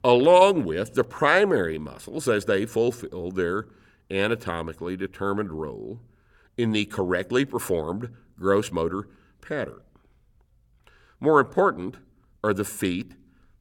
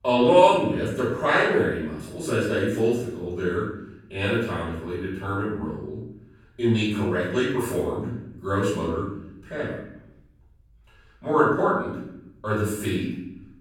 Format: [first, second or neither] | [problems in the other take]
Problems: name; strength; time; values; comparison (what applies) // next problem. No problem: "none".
first | off-mic speech; far // room echo; noticeable; dies away in 0.7 s